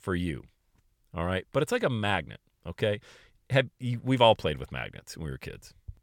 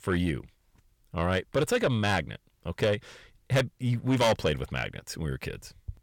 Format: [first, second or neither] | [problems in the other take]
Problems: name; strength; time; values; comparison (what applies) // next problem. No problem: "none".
first | distortion; heavy; 7 dB below the speech